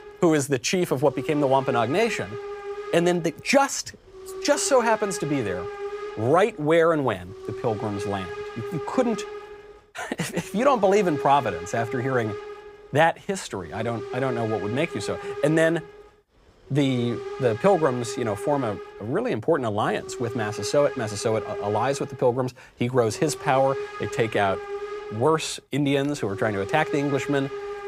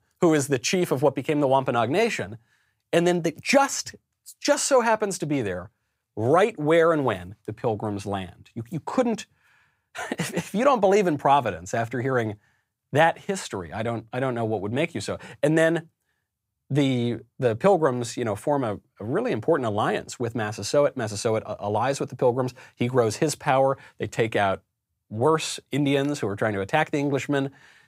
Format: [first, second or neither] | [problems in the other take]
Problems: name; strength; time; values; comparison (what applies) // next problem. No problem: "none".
second | hiss; noticeable; throughout; 10 dB below the speech